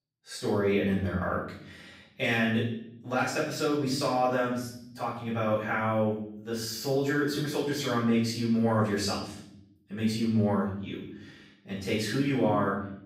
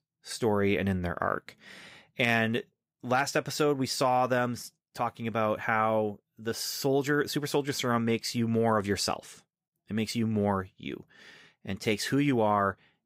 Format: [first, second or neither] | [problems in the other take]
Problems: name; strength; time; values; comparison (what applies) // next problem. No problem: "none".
second | room echo; noticeable; dies away in 0.7 s // off-mic speech; far